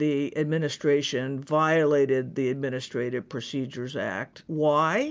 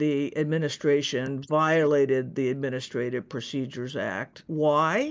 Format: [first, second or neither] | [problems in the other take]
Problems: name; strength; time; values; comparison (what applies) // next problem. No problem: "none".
first | noise reduction (neural mask model Resemble Enhance denoiser)